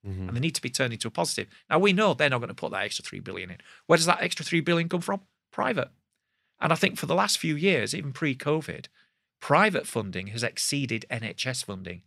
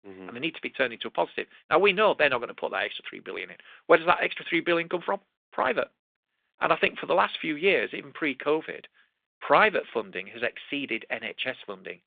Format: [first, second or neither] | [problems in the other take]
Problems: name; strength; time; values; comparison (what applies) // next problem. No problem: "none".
first | phone-call audio; nothing above 3.5 kHz